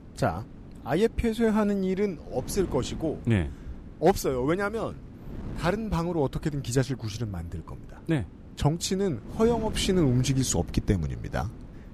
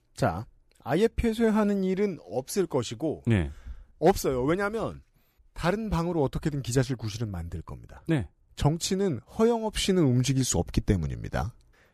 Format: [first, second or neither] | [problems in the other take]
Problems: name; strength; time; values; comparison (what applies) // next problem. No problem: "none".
second | wind noise on the microphone; occasional gusts; 20 dB below the speech